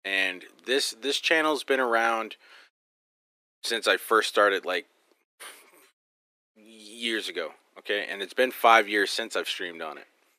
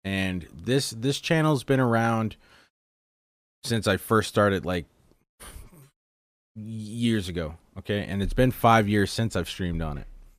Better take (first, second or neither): second